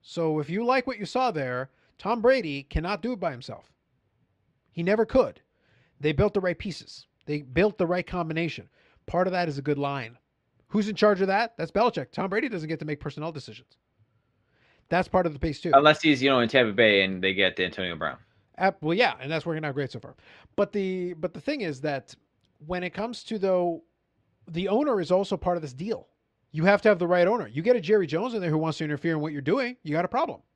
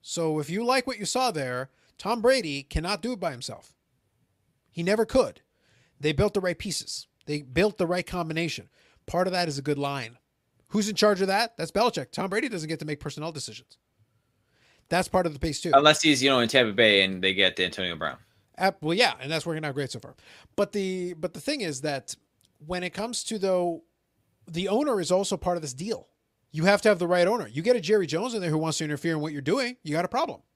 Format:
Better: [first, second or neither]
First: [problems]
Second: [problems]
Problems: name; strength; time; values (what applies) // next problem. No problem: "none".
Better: second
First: muffled; slightly; fading above 3 kHz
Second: none